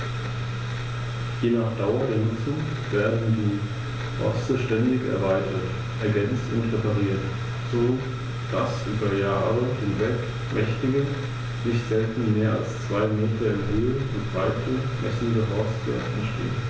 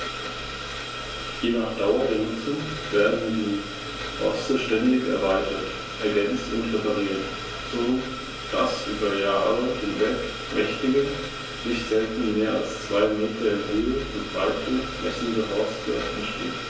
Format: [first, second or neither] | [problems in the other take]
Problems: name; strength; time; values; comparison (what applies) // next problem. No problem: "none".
first | room echo; dies away in 0.2 s